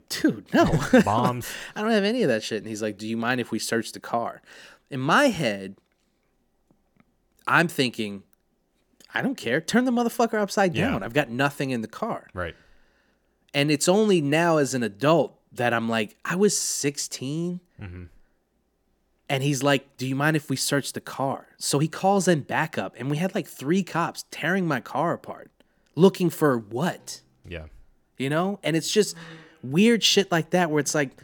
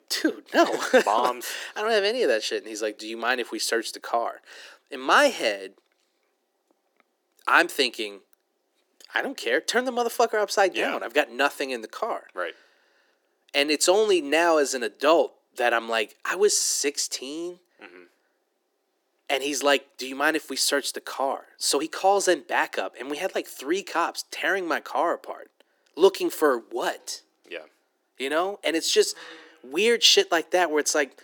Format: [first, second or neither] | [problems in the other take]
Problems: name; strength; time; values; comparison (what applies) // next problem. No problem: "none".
first | thin; somewhat; fading below 350 Hz